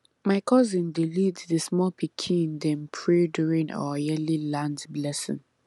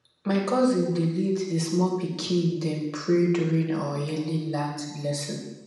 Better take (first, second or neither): first